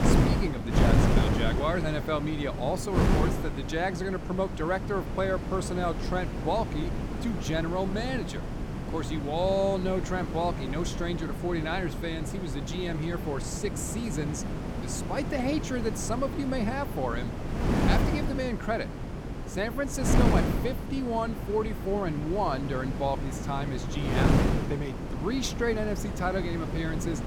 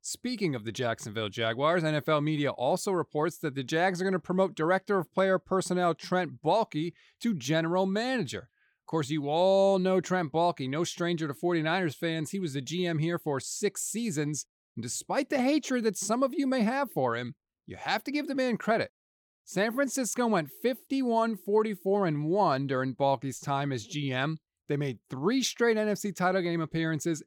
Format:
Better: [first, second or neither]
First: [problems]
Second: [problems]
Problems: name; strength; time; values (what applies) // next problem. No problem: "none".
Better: second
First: wind noise on the microphone; heavy; 4 dB below the speech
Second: none